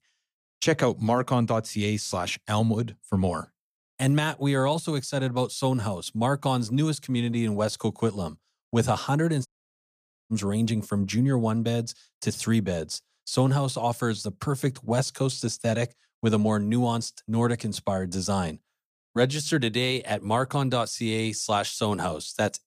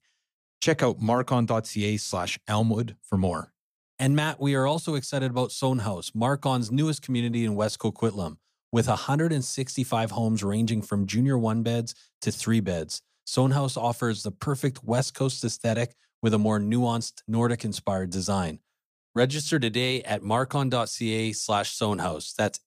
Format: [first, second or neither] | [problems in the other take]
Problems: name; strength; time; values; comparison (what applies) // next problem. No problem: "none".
second | audio cutting out; at 9.5 s for 1 s